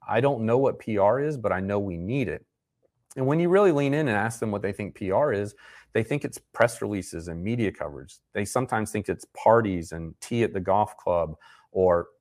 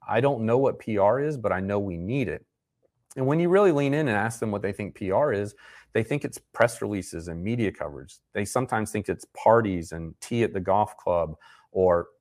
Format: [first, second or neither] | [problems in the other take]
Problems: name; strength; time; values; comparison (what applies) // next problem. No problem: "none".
neither | none